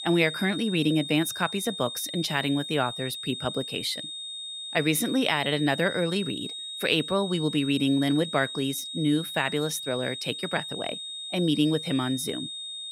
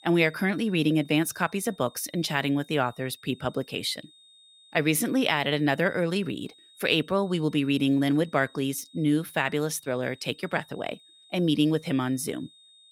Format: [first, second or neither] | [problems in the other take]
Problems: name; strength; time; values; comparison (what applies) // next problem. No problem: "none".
second | high-pitched whine; loud; throughout; 3.5 kHz, 7 dB below the speech; faint in the second